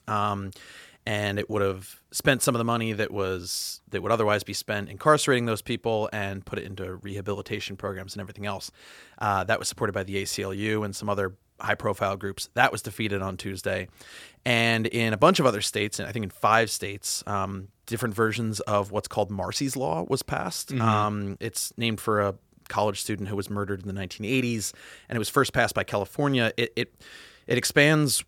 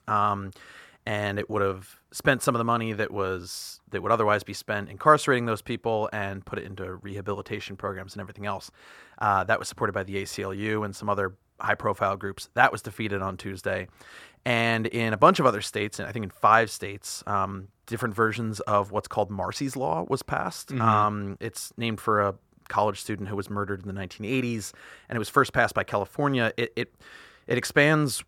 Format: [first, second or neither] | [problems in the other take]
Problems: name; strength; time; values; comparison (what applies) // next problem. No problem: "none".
first | muffled; very slightly; fading above 2.5 kHz